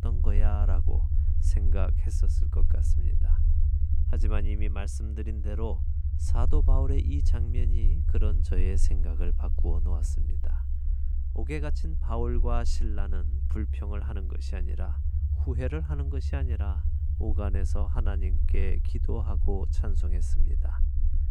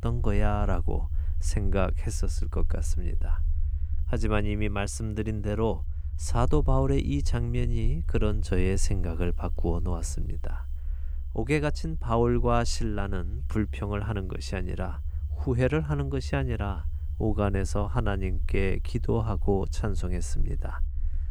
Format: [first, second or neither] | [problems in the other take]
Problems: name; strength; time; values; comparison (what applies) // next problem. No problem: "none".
second | low rumble; loud; throughout; 7 dB below the speech; faint in the second